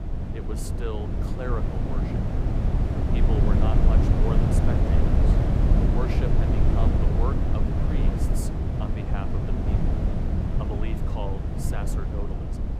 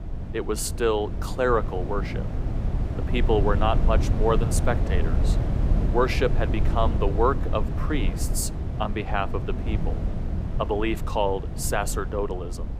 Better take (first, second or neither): second